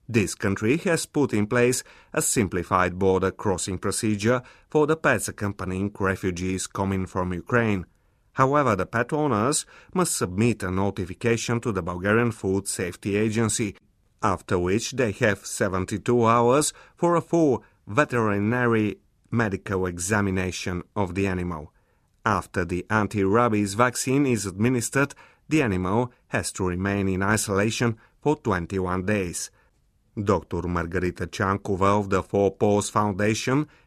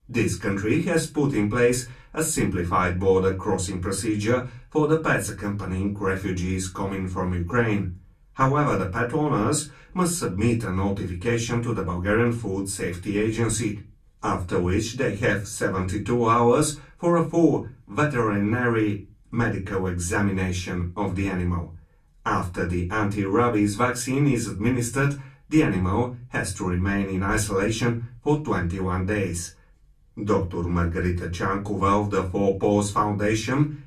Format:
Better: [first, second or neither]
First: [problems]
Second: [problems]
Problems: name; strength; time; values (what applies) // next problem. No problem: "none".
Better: first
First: none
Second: off-mic speech; far // room echo; very slight; dies away in 0.3 s